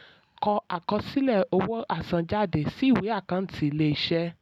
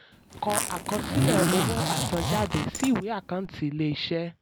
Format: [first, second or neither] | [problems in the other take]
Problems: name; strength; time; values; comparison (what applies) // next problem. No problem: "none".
first | background sound (Zipper (clothing)); 1 dB above the speech